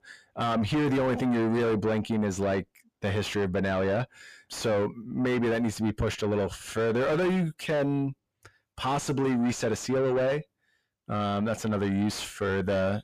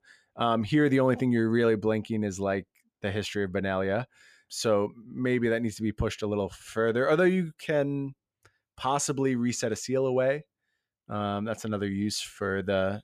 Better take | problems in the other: second | distortion; heavy; 7 dB below the speech

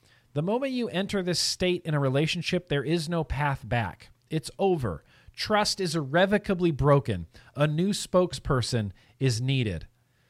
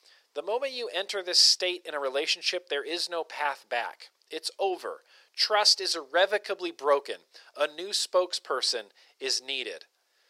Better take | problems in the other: first | thin; very; fading below 400 Hz

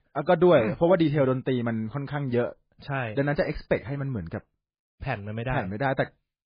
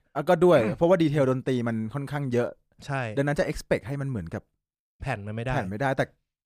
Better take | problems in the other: second | garbled, watery; badly

